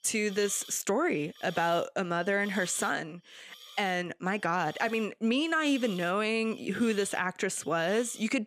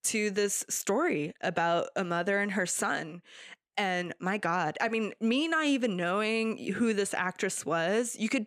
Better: second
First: hiss; noticeable; throughout; 20 dB below the speech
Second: none

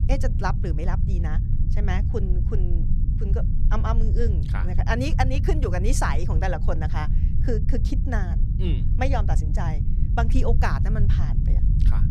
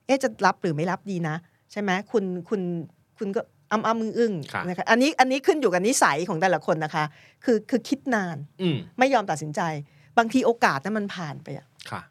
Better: second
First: low rumble; loud; throughout; 9 dB below the speech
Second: none

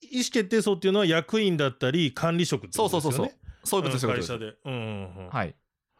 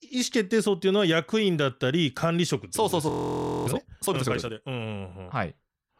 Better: first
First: none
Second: audio freezing; at 3 s for 0.5 s

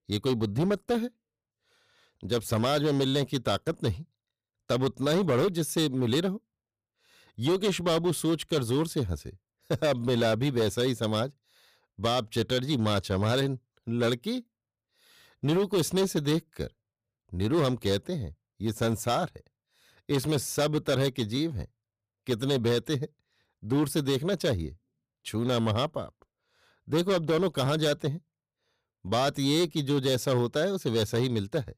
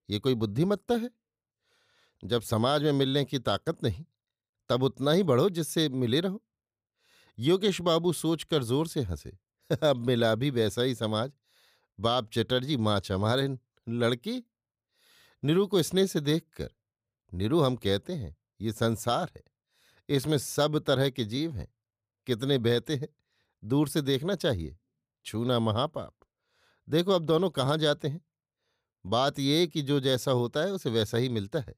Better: second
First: distortion; slight; 8% of the sound clipped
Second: none

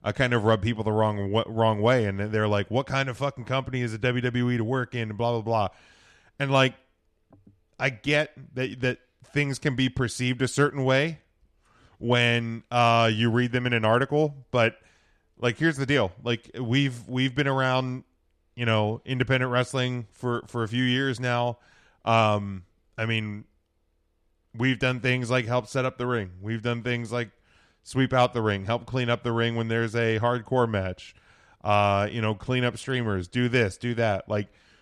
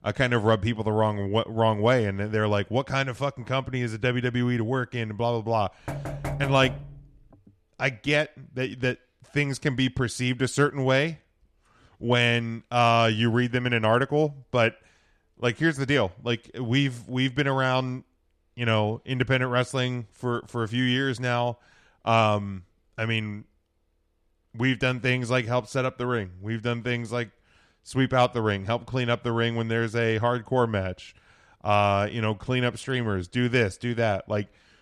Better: first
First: none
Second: door banging; noticeable; from 6 to 7 s; peak 7 dB below the speech

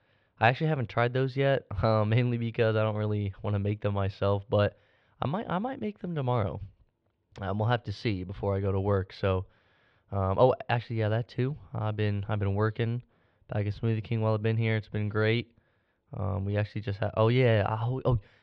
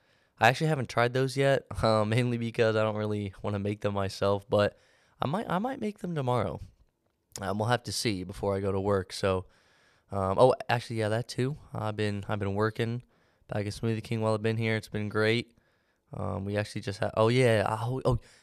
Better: second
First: muffled; slightly; fading above 3.5 kHz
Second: none

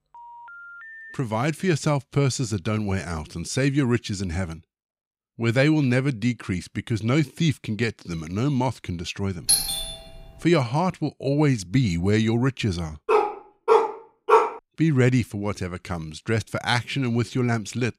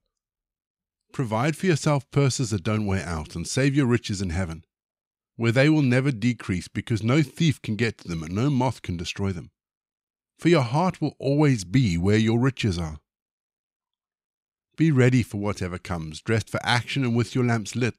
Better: second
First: phone ringing; faint; until 1 s; peak 15 dB below the speech // doorbell; loud; at 9.5 s; peak 5 dB above the speech // dog barking; loud; from 13 to 14 s; peak 5 dB above the speech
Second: none

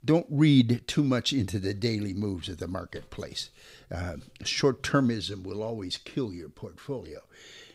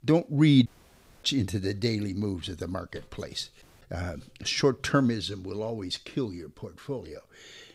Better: first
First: none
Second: audio cutting out; at 0.5 s for 0.5 s and at 3.5 s

